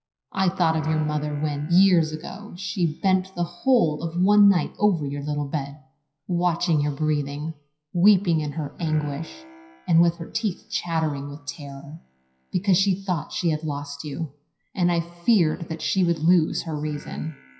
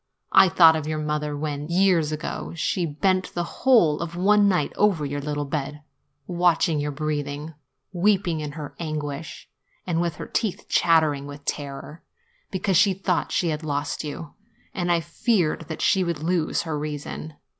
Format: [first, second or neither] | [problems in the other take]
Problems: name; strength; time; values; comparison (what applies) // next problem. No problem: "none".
second | noise reduction (classical method WPE with log-MMSE)